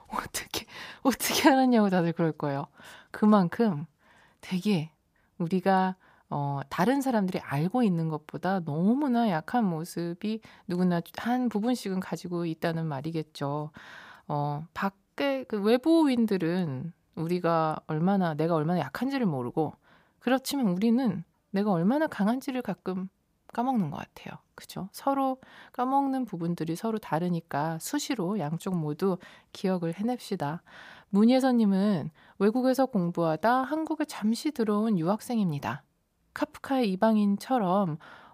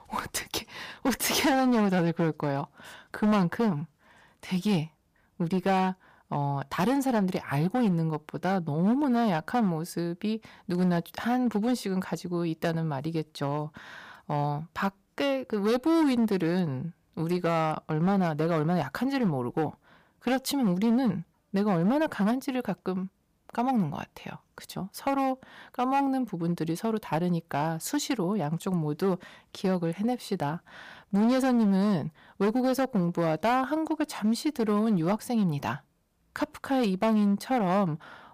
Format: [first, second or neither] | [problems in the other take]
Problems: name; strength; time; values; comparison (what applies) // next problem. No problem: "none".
first | distortion; slight; 8% of the sound clipped